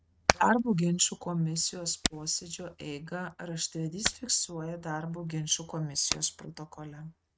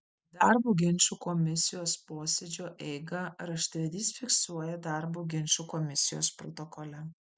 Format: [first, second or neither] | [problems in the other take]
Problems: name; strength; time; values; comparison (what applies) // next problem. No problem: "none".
second | noise reduction (neural mask model RNNoise)